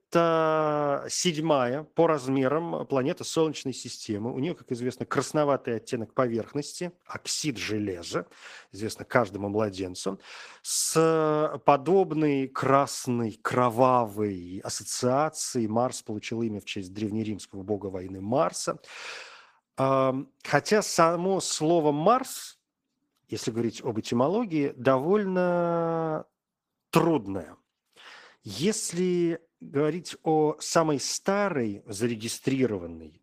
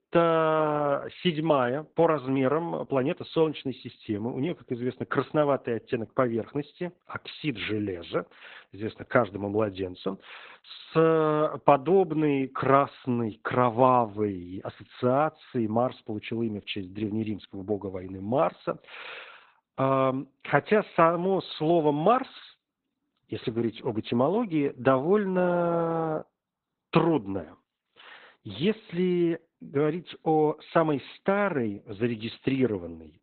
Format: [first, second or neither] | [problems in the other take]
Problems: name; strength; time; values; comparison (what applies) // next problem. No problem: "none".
first | garbled, watery; badly; nothing above 4 kHz; slightly in the first